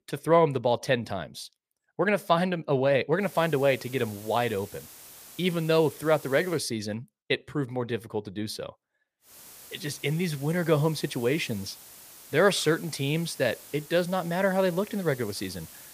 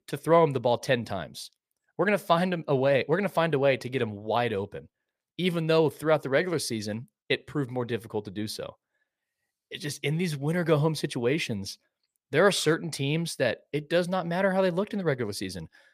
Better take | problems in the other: second | hiss; noticeable; from 3 to 6.5 s and from 9.5 s on; 20 dB below the speech

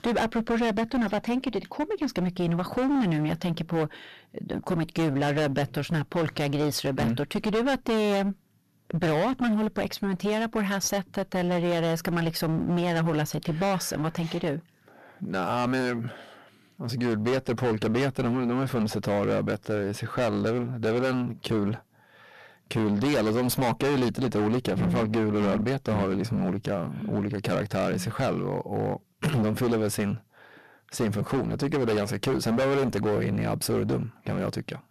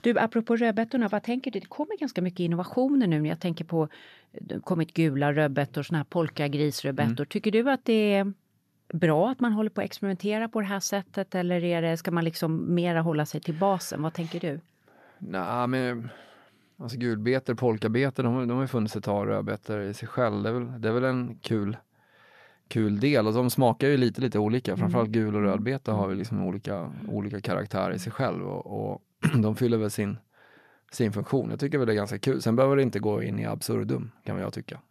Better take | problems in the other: second | distortion; heavy; 19% of the sound clipped

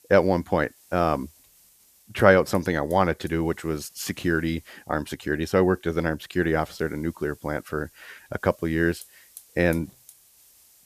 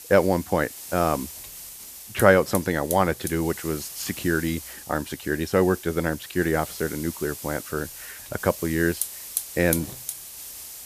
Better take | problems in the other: first | hiss; loud; throughout; 10 dB below the speech; faint in the first

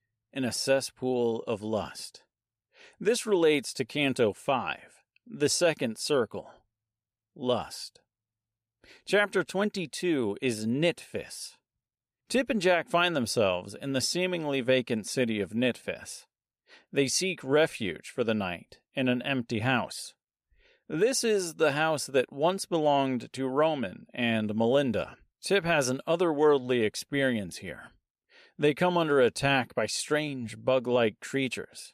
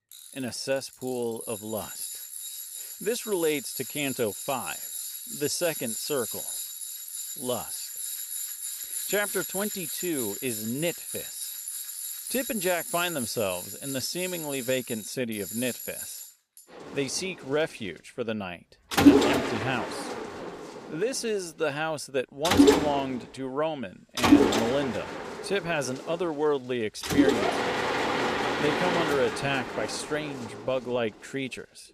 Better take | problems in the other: first | machinery noise; very loud; throughout; 2 dB above the speech

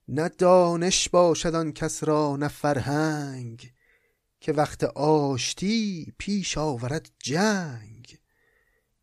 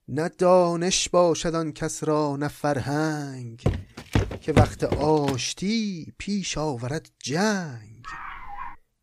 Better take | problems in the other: first | footsteps; loud; from 3.5 to 5.5 s; peak 2 dB above the speech // dog barking; faint; at 8 s; peak 10 dB below the speech

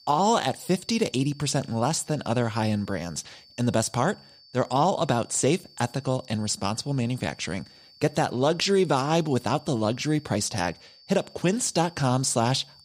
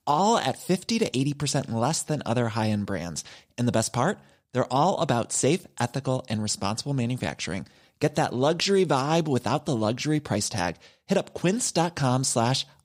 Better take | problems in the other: second | high-pitched whine; faint; throughout; 4.5 kHz, 25 dB below the speech

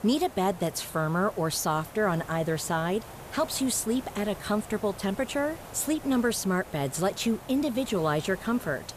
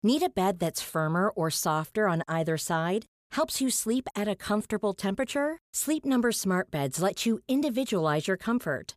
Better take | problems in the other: second | hiss; noticeable; throughout; 15 dB below the speech

